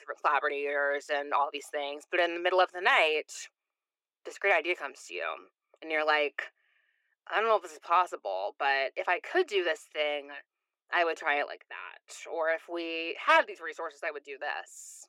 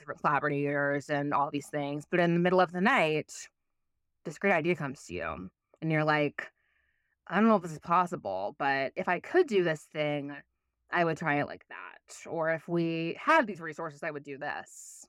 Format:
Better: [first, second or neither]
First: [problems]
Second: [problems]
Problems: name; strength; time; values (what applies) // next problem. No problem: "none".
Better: second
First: thin; very; fading below 400 Hz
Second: none